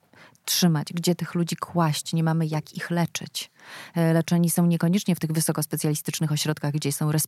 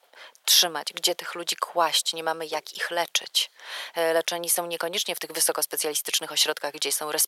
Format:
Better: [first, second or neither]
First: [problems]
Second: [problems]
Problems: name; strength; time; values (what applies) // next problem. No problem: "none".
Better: first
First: none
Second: thin; very; fading below 500 Hz